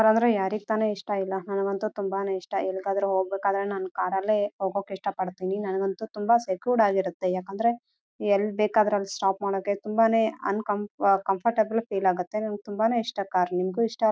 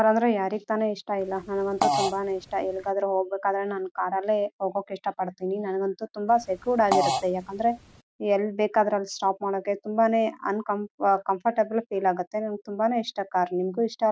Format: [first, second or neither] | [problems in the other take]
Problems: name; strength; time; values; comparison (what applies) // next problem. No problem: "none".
first | background sound (Fart); 4 dB below the speech